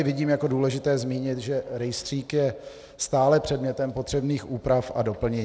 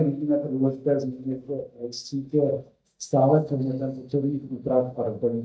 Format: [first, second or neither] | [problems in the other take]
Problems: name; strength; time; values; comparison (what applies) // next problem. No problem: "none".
first | noise reduction (neural mask model DeepFilterNet 3)